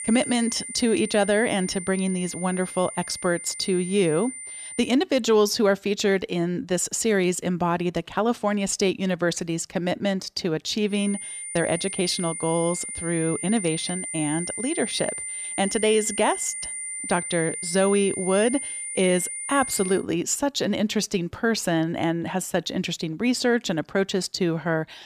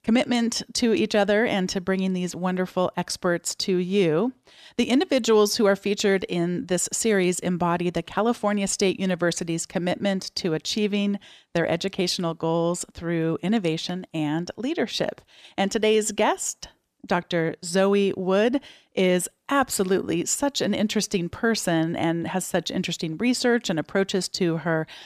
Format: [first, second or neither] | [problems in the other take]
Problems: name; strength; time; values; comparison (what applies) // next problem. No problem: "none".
second | high-pitched whine; loud; until 5 s and from 11 to 20 s; 9 kHz, 7 dB below the speech